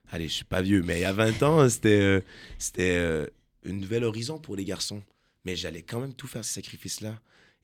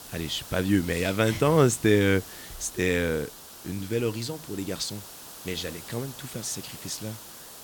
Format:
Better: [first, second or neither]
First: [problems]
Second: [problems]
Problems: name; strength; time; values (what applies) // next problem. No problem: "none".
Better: first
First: none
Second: hiss; noticeable; throughout; 15 dB below the speech